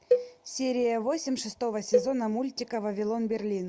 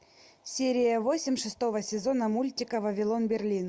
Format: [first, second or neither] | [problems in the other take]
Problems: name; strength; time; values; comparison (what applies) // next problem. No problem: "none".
second | background sound (Cowbell); 3 dB below the speech